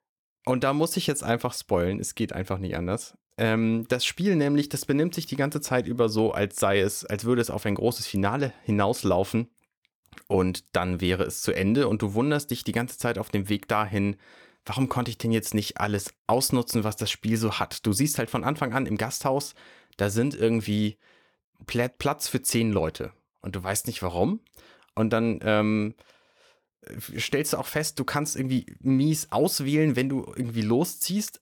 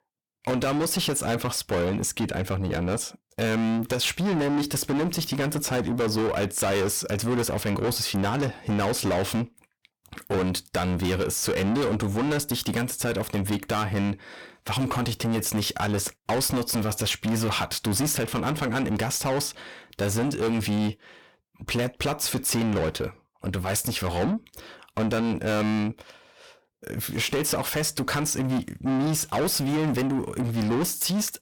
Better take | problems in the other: first | distortion; heavy; 6 dB below the speech

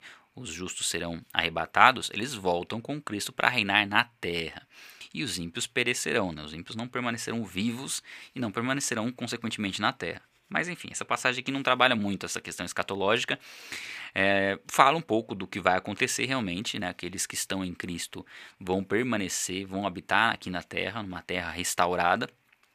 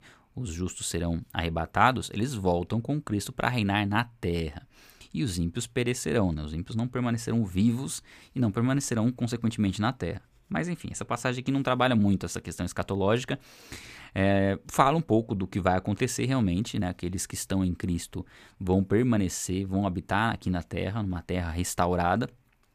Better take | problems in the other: second | thin; somewhat; fading below 500 Hz

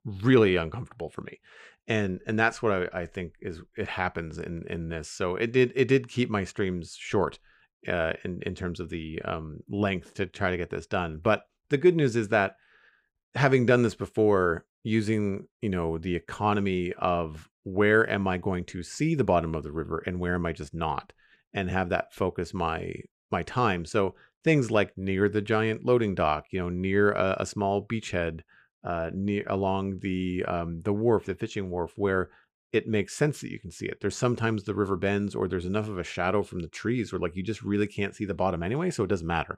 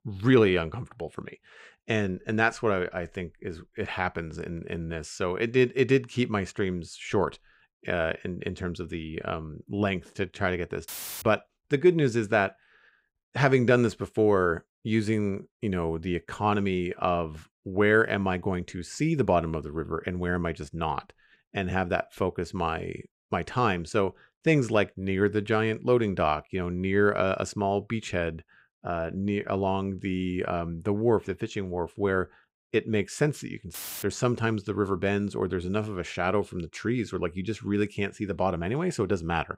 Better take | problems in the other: first | audio cutting out; filled with static; at 11 s and at 34 s

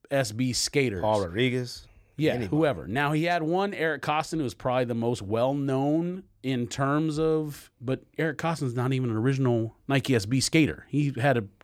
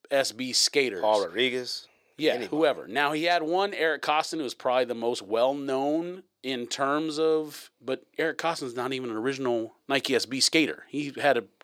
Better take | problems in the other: first | thin; somewhat; fading below 400 Hz

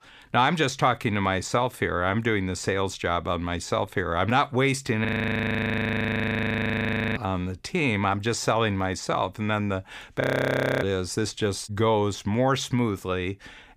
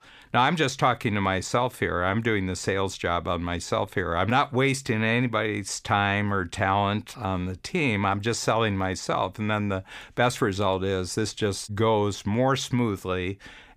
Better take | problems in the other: second | audio freezing; at 5 s for 2 s and at 10 s for 0.5 s

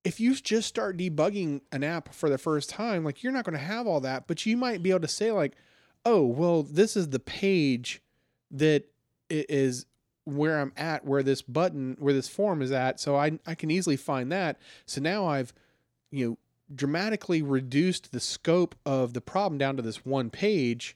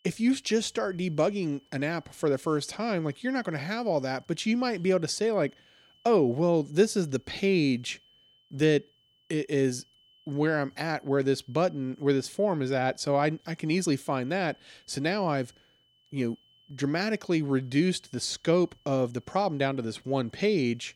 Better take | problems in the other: first | high-pitched whine; faint; throughout; 3 kHz, 35 dB below the speech

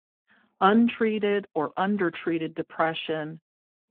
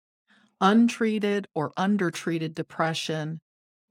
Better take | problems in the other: second | phone-call audio; nothing above 3.5 kHz

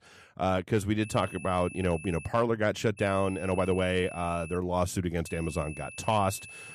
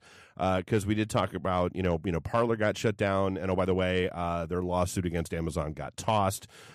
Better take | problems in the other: second | high-pitched whine; noticeable; from 1 to 2.5 s, from 3 to 4.5 s and from 5.5 s on; 2.5 kHz, 15 dB below the speech

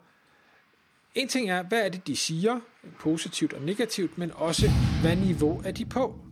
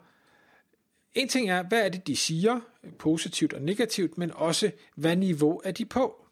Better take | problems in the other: second | rain or running water; loud; throughout; 1 dB below the speech

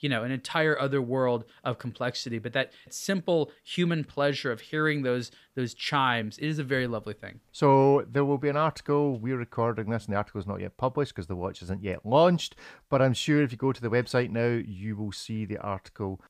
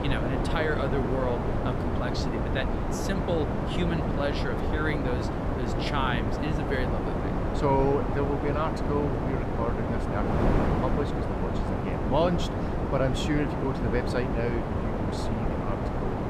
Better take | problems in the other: first | wind noise on the microphone; heavy; as loud as the speech

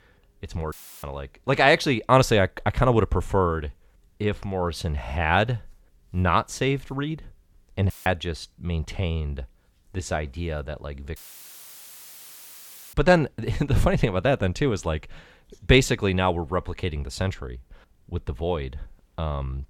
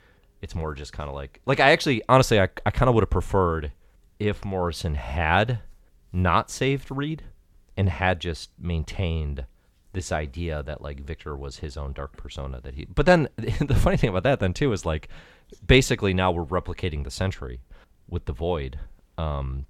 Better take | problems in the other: second | audio cutting out; filled with static; at 0.5 s, at 8 s and at 11 s for 2 s

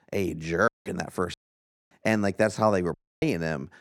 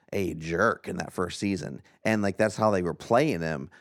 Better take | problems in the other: second | audio cutting out; at 0.5 s, at 1.5 s for 0.5 s and at 3 s

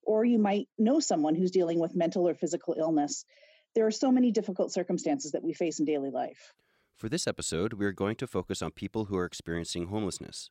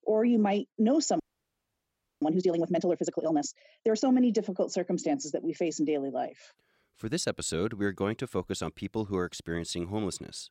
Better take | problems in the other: first | audio freezing; at 1 s for 1 s

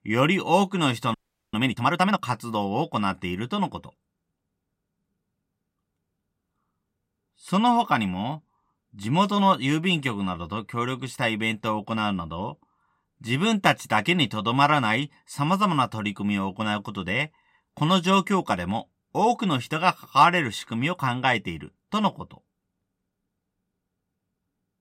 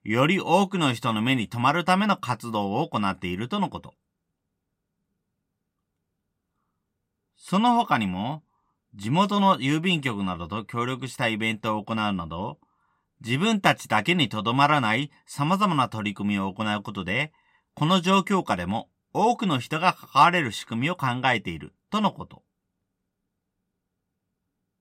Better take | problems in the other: second | audio freezing; at 1 s

